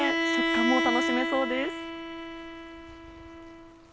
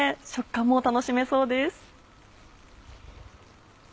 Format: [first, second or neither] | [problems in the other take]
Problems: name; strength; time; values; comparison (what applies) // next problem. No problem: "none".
second | background sound (Bowed string instrument); 3 dB above the speech